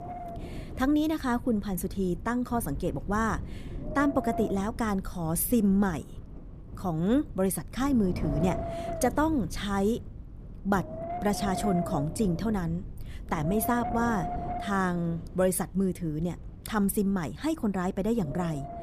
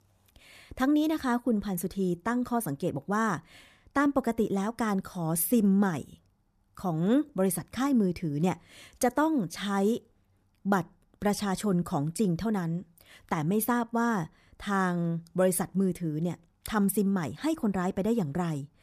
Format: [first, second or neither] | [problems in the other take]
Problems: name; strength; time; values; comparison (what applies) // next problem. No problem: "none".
second | wind noise on the microphone; heavy; 6 dB below the speech